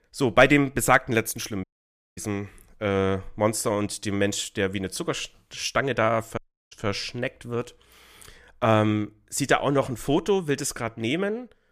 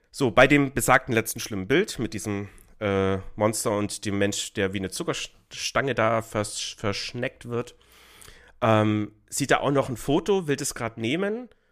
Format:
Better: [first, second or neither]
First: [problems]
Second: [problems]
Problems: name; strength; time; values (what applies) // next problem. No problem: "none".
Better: second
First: audio cutting out; at 1.5 s for 0.5 s and at 6.5 s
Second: none